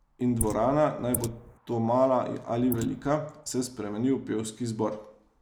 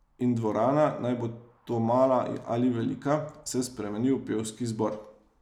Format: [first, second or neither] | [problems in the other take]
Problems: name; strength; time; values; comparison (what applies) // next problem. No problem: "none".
second | noise reduction (neural mask model Resemble Enhance denoiser)